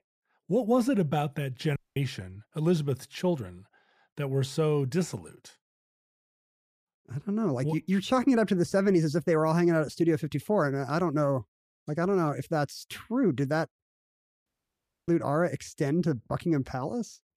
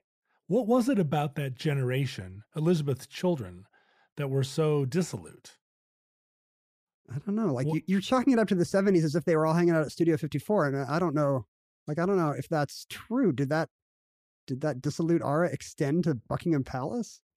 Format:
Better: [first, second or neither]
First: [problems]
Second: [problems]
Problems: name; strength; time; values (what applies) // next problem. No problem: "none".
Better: second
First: audio cutting out; at 2 s and at 14 s for 0.5 s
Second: none